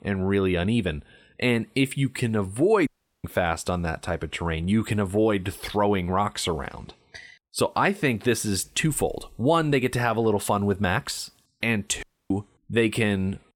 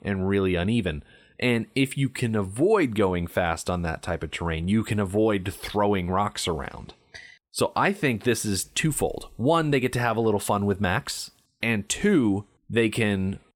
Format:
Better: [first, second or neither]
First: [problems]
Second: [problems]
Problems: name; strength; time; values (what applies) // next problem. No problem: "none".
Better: second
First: audio cutting out; at 3 s and at 12 s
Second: none